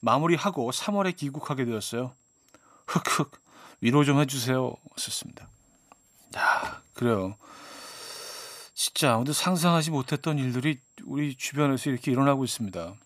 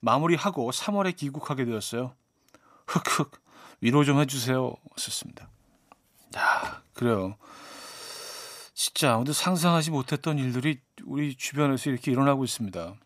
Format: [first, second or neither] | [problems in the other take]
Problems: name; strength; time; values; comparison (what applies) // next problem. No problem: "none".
second | high-pitched whine; faint; throughout; 7.5 kHz, 35 dB below the speech